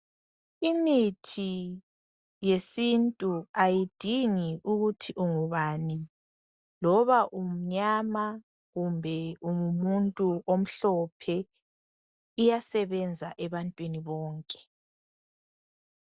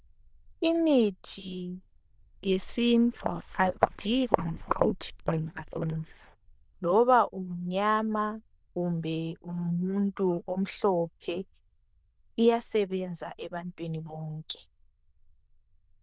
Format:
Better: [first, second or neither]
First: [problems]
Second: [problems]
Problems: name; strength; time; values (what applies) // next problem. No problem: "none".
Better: first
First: none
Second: noise reduction (neural diffusion model UNIVERSE++)